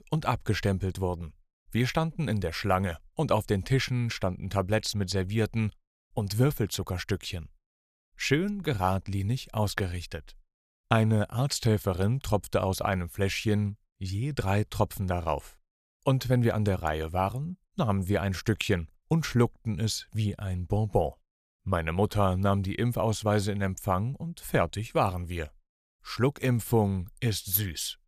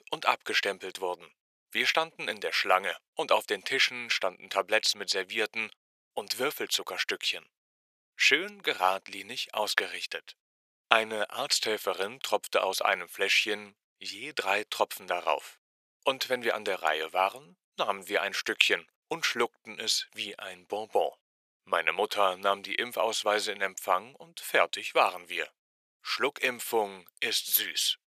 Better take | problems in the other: first | thin; very; fading below 450 Hz

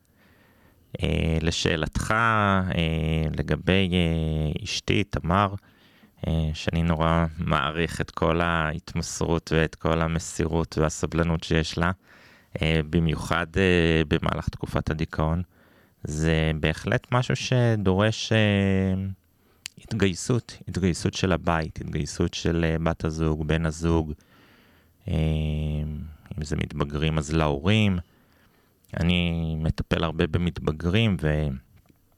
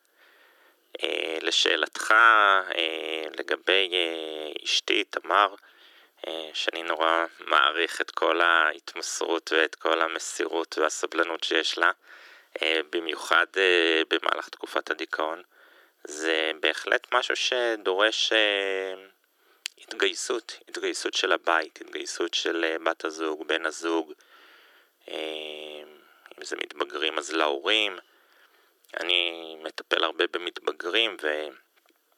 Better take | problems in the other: first | thin; very; fading below 350 Hz

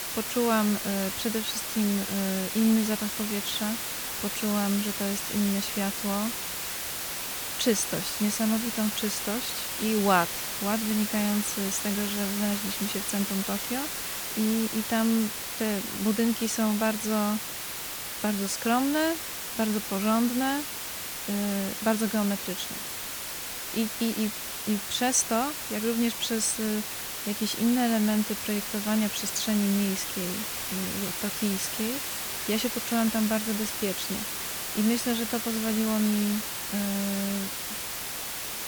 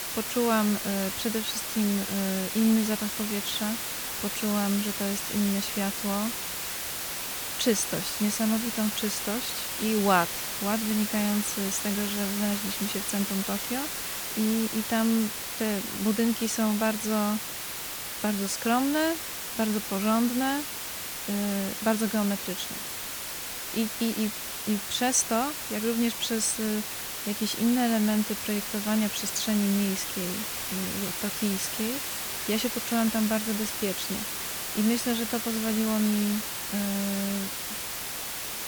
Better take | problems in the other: neither | hiss; loud; throughout; 3 dB below the speech; the same in both

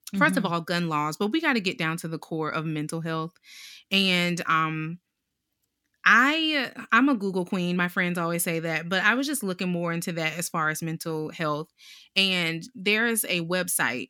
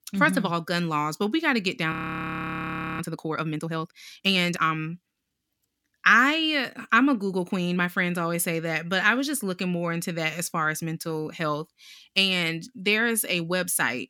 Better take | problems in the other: first | audio freezing; at 2 s for 1 s

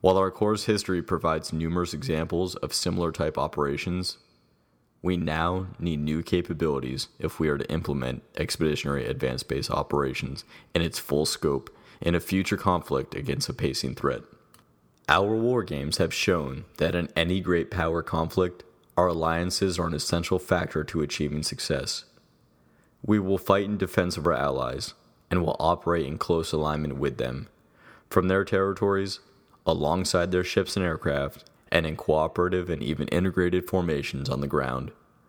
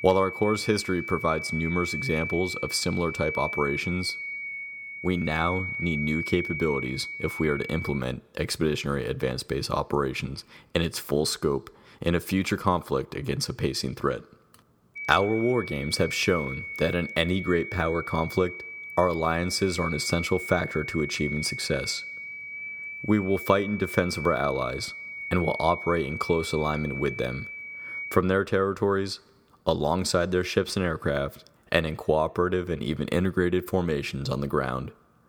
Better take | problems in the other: first | high-pitched whine; loud; until 8 s and from 15 to 28 s; 2.5 kHz, 7 dB below the speech

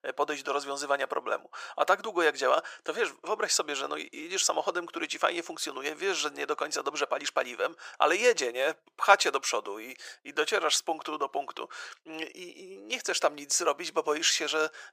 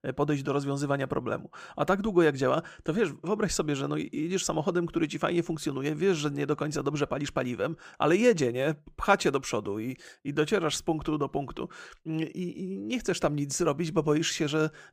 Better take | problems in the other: second | thin; very; fading below 550 Hz

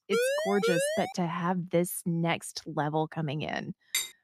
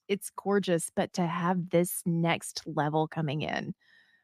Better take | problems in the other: second | siren; loud; until 1 s; peak 3 dB above the speech // clattering dishes; noticeable; at 4 s; peak 1 dB below the speech

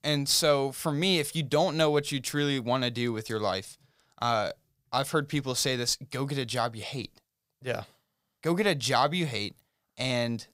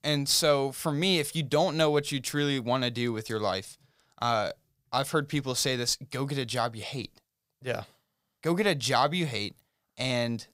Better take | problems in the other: neither | none

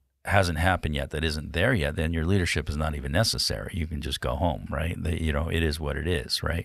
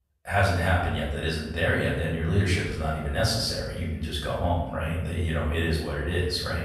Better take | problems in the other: first | off-mic speech; far // room echo; noticeable; dies away in 0.8 s

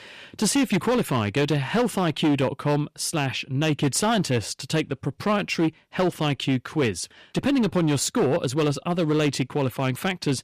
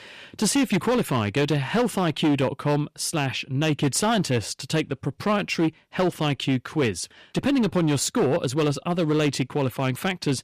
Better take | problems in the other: neither | distortion; slight; 10% of the sound clipped; the same in both

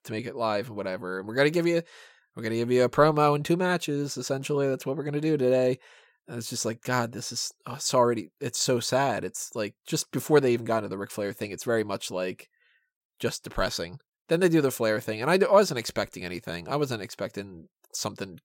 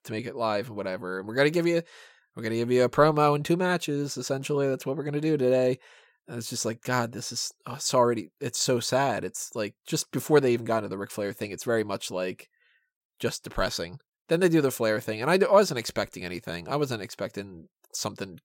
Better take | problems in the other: neither | none

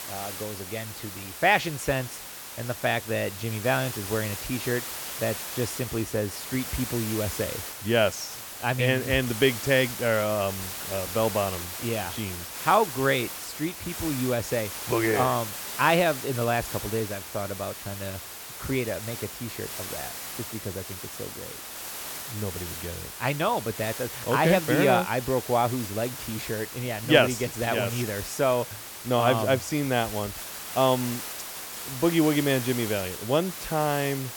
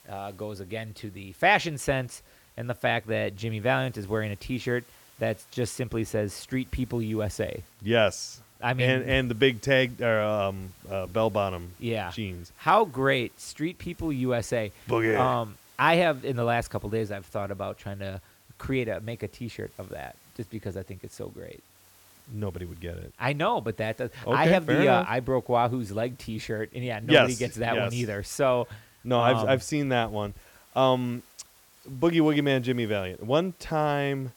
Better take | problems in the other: second | hiss; loud; throughout; 8 dB below the speech; faint in the second

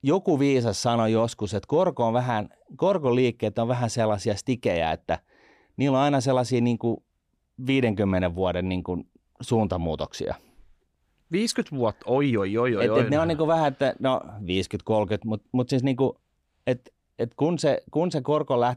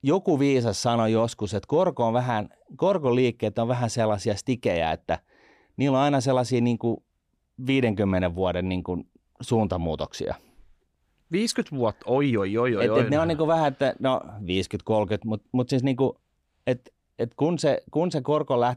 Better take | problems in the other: neither | none

